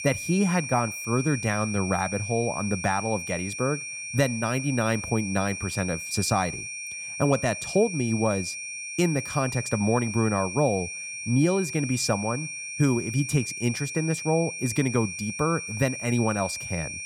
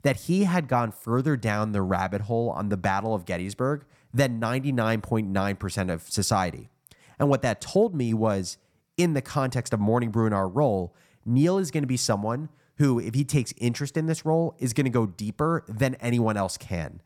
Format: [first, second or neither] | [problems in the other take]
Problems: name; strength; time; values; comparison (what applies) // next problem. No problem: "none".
second | high-pitched whine; loud; throughout; 2.5 kHz, 6 dB below the speech